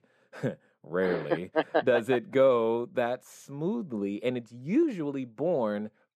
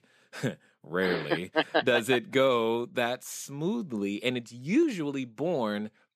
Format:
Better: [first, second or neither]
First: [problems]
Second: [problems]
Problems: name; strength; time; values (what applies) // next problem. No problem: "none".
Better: second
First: muffled; slightly; fading above 2 kHz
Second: none